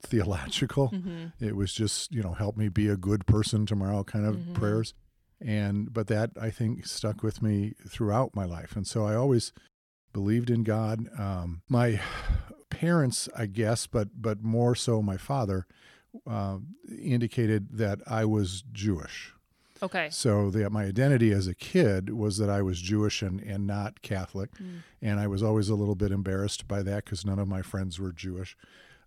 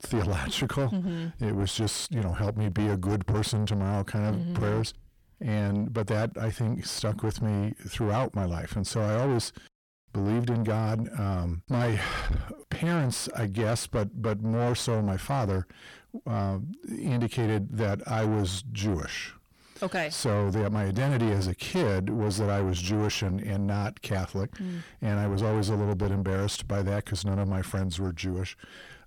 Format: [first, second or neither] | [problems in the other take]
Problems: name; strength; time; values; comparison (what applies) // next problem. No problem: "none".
first | distortion; heavy; 8 dB below the speech